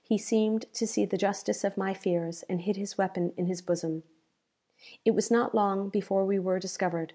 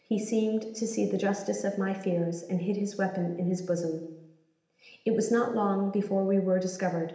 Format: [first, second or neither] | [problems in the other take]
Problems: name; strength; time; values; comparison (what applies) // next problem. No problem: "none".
first | room echo; dies away in 0.8 s